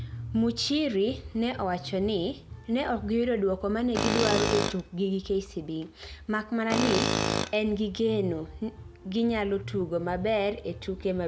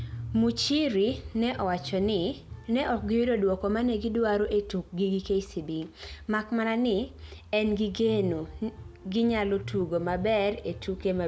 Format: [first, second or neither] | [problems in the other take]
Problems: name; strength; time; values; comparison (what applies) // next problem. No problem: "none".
second | background sound (Tools); 1 dB below the speech